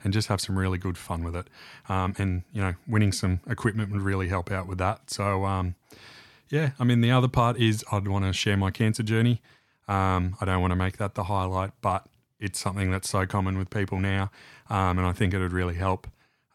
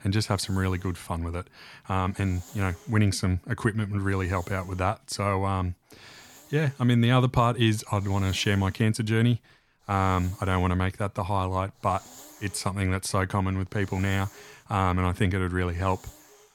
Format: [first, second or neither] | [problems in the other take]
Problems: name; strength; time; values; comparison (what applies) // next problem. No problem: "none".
first | hiss; faint; throughout; 25 dB below the speech